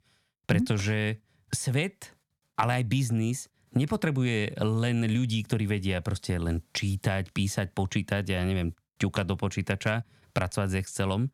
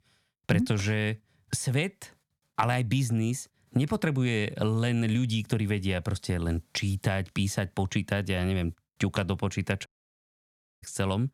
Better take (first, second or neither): first